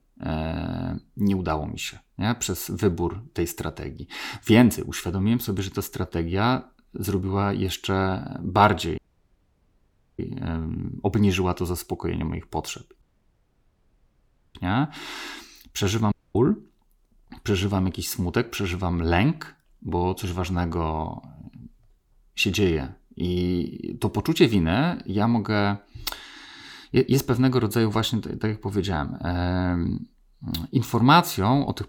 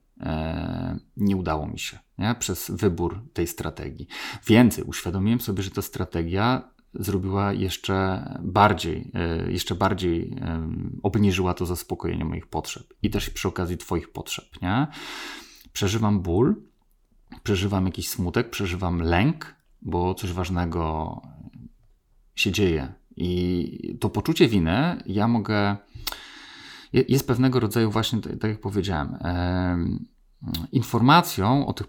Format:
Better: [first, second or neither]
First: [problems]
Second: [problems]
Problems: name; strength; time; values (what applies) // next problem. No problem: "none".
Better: second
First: audio cutting out; at 9 s for 1 s, at 13 s for 1.5 s and at 16 s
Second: none